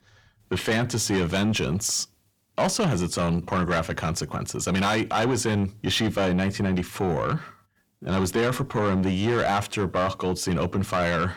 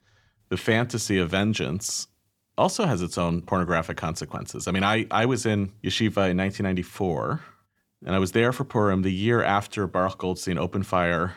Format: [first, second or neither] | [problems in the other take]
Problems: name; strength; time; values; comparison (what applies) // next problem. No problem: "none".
second | distortion; heavy; 7 dB below the speech